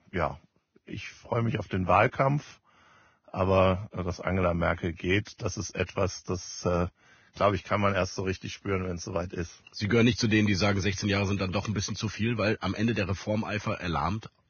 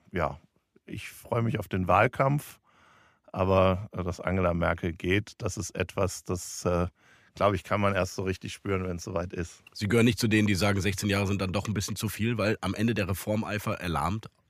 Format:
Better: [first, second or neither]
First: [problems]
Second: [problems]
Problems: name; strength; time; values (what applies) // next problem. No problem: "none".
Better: second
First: garbled, watery; badly; nothing above 6.5 kHz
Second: none